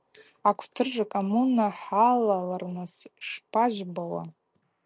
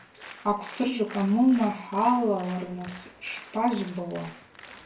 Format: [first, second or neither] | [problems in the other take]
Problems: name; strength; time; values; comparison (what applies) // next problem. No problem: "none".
first | background sound (Applause); 19 dB below the speech // room echo; dies away in 0.3 s